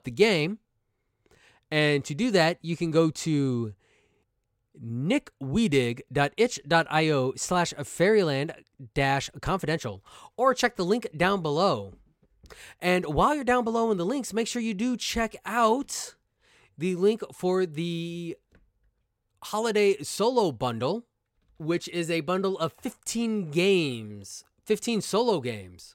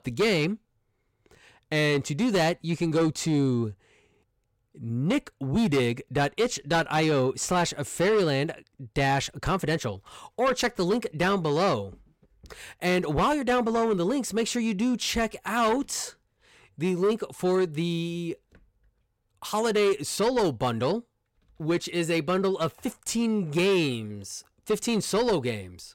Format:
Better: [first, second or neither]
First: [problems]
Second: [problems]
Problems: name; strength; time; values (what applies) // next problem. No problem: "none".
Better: first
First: none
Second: distortion; slight; 10 dB below the speech